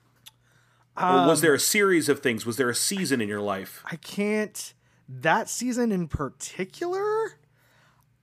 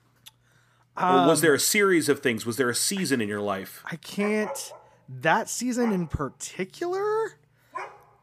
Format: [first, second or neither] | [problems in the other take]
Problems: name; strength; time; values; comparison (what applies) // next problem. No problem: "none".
first | dog barking; faint; from 4 s on; peak 10 dB below the speech